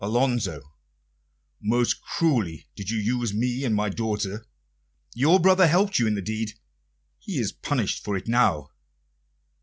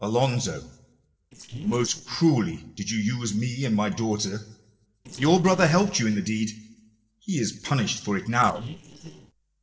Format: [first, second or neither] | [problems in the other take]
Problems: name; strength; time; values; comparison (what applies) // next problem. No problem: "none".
first | noise reduction (neural separator model SepFormer DNS4)